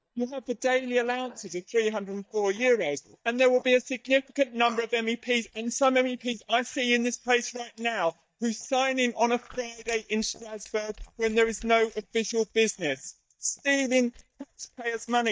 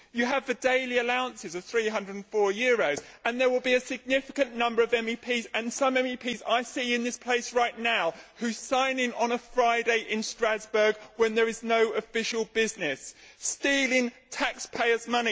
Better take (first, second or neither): second